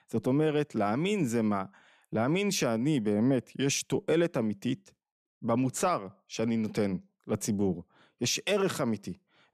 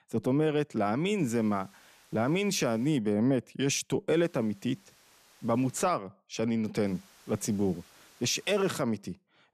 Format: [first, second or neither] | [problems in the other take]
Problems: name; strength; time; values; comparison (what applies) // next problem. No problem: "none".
first | hiss; faint; from 1 to 3 s, from 4 to 6 s and from 7 to 9 s; 30 dB below the speech